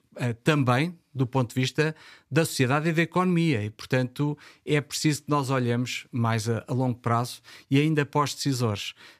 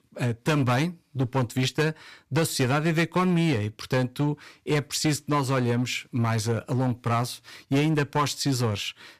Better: first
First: none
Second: distortion; slight; 9% of the sound clipped

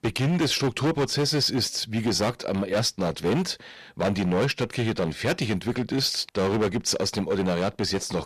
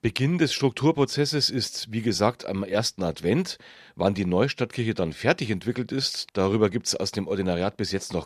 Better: second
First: distortion; heavy; 14% of the sound clipped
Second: none

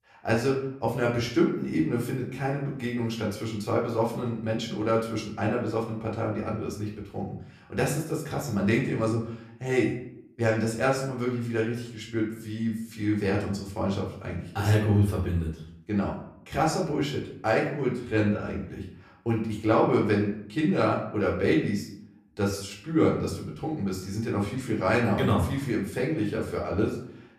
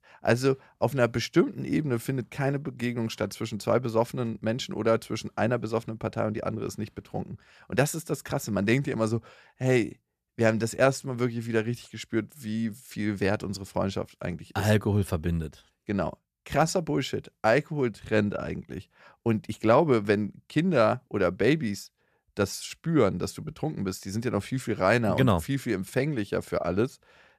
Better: second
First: off-mic speech; far // room echo; slight; dies away in 0.5 s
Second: none

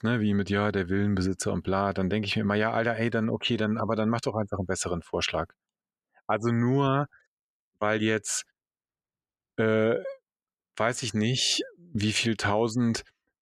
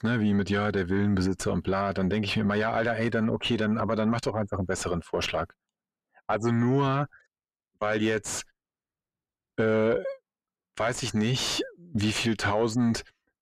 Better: first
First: none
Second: distortion; slight; 9 dB below the speech

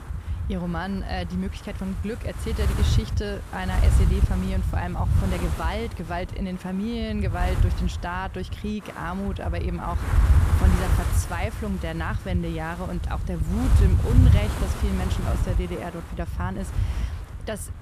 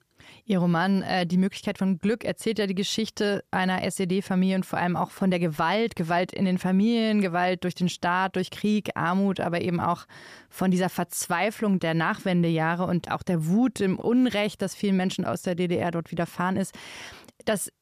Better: second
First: wind noise on the microphone; heavy; 5 dB below the speech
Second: none

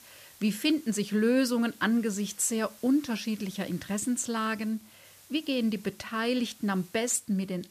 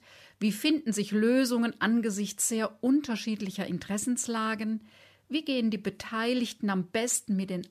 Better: second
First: hiss; faint; throughout; 25 dB below the speech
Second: none

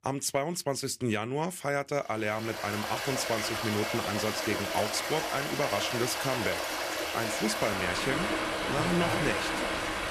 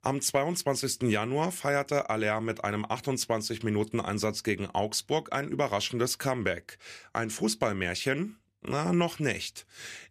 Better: second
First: rain or running water; very loud; from 2.5 s on; 1 dB above the speech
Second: none

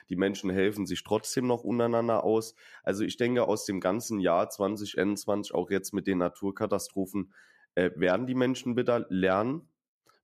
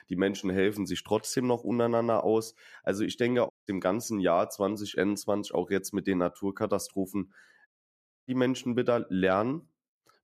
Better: first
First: none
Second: audio cutting out; at 3.5 s and at 7.5 s for 0.5 s

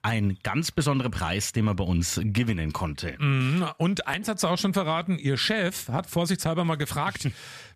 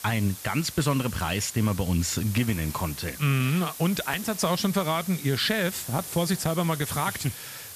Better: first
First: none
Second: hiss; noticeable; throughout; 10 dB below the speech

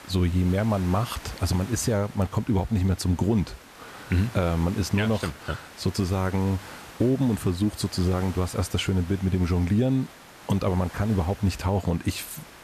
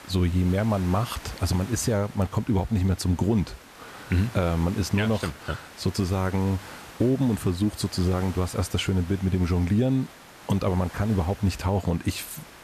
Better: neither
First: hiss; noticeable; throughout; 20 dB below the speech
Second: hiss; noticeable; throughout; 20 dB below the speech

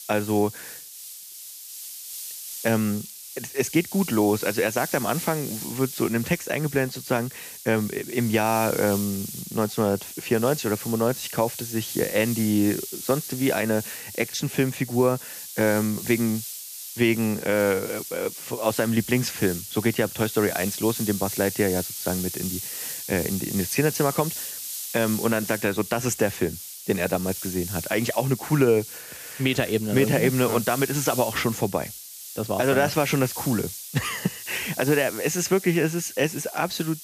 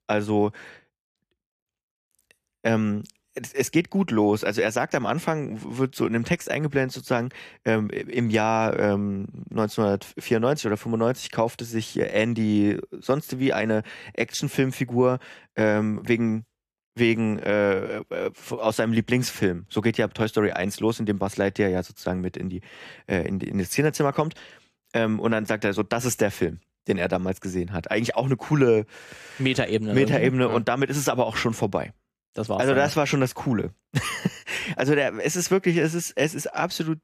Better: second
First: hiss; loud; throughout; 8 dB below the speech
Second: none

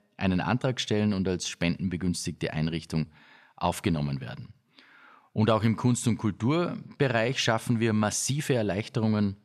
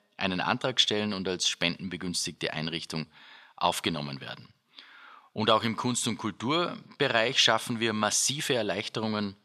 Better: first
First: none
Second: thin; somewhat; fading below 900 Hz

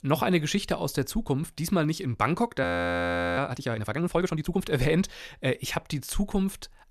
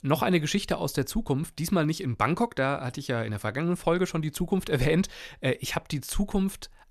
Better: second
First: audio freezing; at 2.5 s for 0.5 s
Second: none

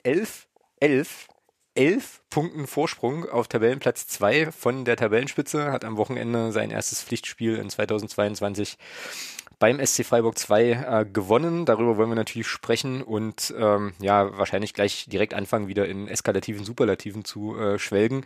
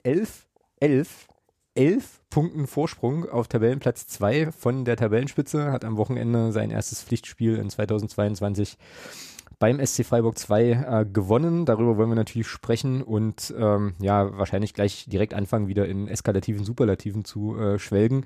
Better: second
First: thin; very slightly; fading below 500 Hz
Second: none

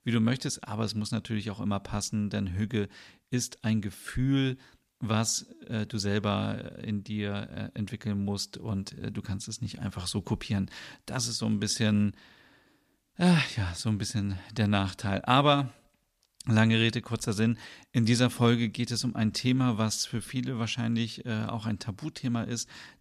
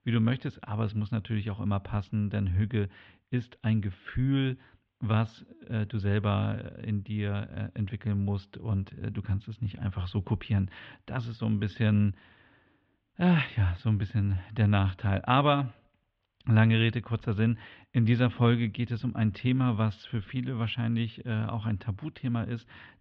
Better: first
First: none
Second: muffled; very; fading above 3 kHz

